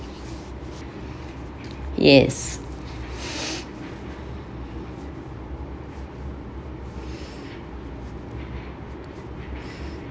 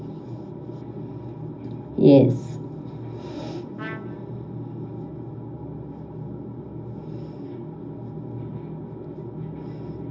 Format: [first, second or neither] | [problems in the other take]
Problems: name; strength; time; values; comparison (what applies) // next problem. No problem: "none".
first | background sound (Trumpet); 16 dB below the speech // room echo; dies away in 0.4 s